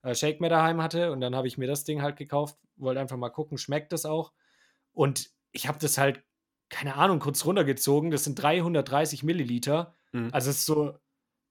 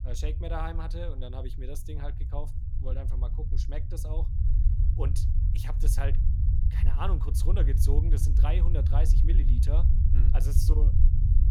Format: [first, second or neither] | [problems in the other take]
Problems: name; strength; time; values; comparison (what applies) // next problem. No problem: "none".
first | low rumble; loud; throughout; 4 dB below the speech